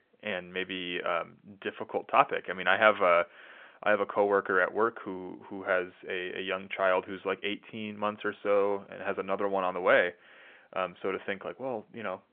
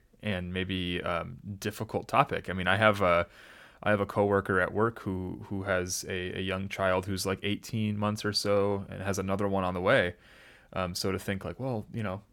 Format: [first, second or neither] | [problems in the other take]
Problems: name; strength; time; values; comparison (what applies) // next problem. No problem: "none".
second | phone-call audio; nothing above 3.5 kHz